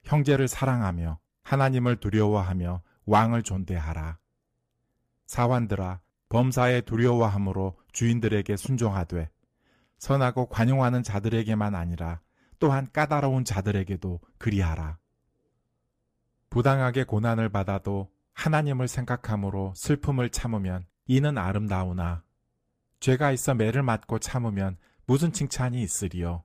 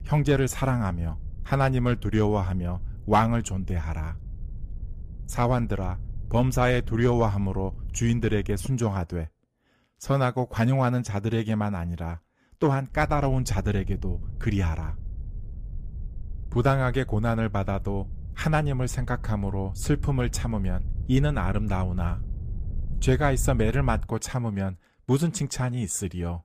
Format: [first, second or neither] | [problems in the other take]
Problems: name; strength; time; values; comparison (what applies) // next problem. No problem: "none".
first | wind noise on the microphone; occasional gusts; until 8.5 s and from 13 to 24 s; 25 dB below the speech